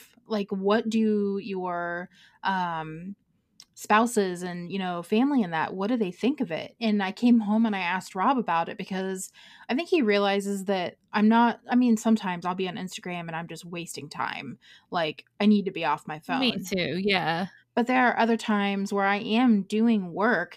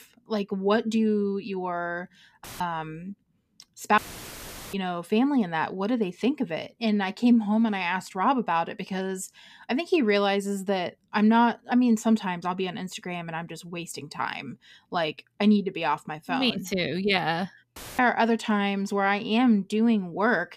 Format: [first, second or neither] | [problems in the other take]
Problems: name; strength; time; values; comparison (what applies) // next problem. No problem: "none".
first | audio cutting out; filled with static; at 2.5 s, at 4 s for 1 s and at 18 s